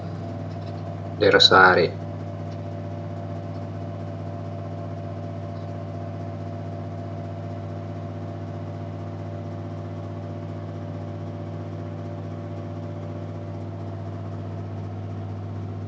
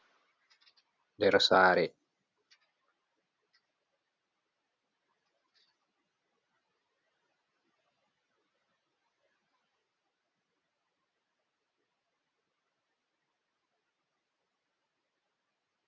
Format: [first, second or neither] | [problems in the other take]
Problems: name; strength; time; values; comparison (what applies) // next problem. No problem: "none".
second | background sound (Mechanical fan); 3 dB below the speech // room echo; dies away in 0.3 s